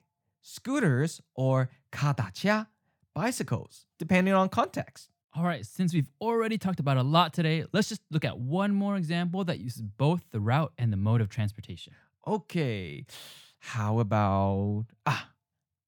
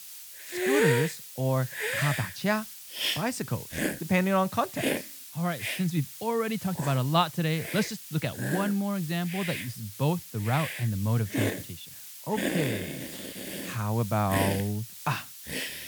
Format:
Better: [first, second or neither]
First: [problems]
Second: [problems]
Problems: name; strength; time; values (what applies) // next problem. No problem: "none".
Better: first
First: none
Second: hiss; loud; throughout; 4 dB below the speech